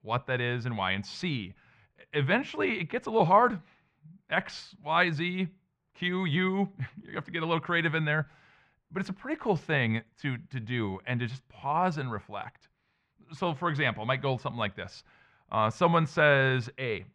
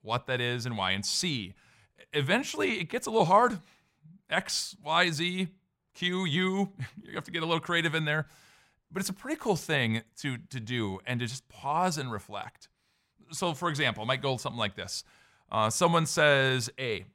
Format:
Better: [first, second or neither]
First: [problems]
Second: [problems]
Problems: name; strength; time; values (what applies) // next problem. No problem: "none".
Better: second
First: muffled; slightly; fading above 2.5 kHz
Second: none